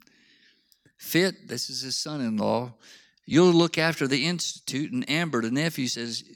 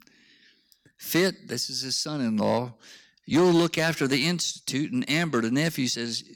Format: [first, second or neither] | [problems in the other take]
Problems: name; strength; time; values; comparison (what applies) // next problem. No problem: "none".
first | distortion; slight; 3% of the sound clipped